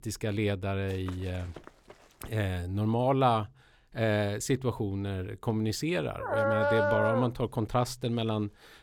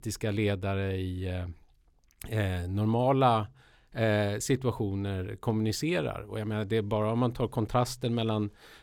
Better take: second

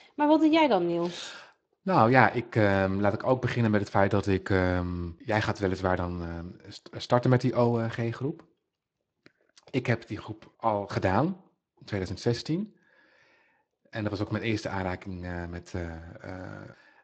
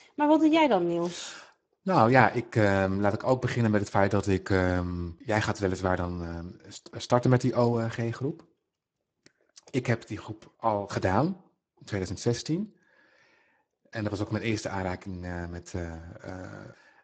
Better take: first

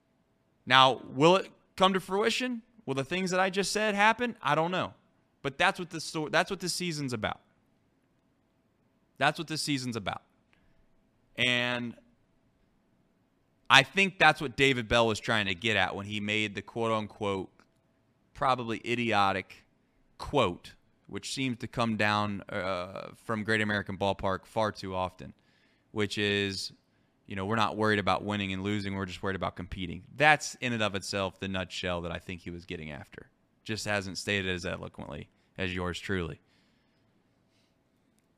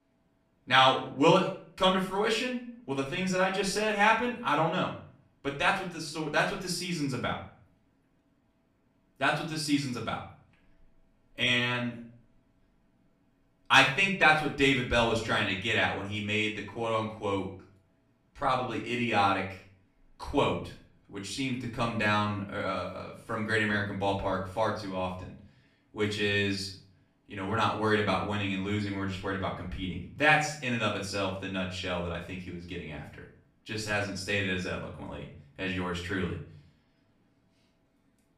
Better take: first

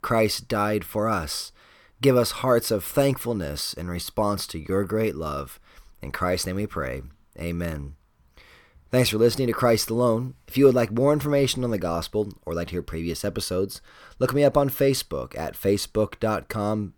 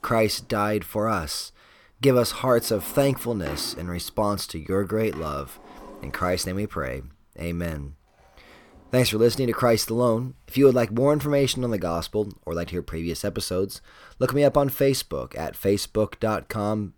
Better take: first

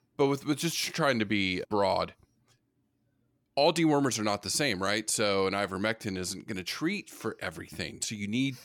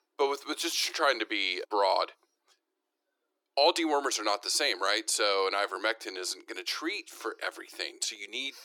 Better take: first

